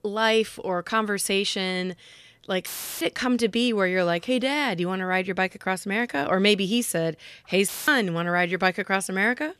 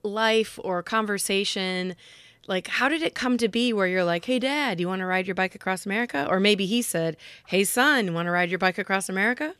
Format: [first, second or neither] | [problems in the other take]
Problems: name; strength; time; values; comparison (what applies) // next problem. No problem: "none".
second | audio cutting out; filled with static; at 2.5 s and at 7.5 s